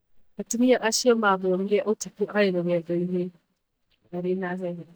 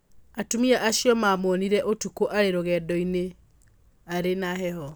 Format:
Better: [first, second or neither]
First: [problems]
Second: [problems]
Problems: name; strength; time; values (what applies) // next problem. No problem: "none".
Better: second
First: noise reduction (neural mask model DeepFilterNet 3)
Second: none